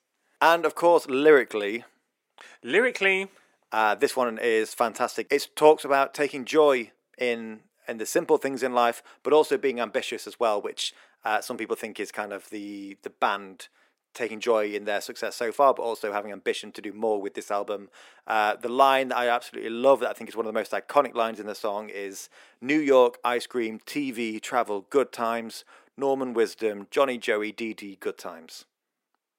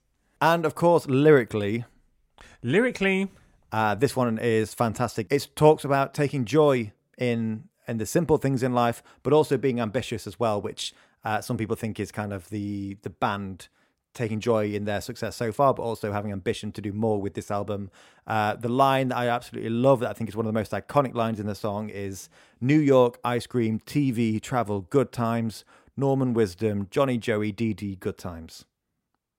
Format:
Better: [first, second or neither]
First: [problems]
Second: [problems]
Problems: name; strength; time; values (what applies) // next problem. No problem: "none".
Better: second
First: thin; somewhat; fading below 350 Hz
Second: none